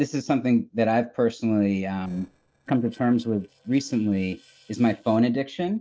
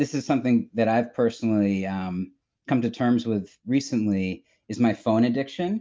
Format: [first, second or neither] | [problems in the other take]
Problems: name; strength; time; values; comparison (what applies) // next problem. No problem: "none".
second | noise reduction (neural separator model SepFormer DNS4)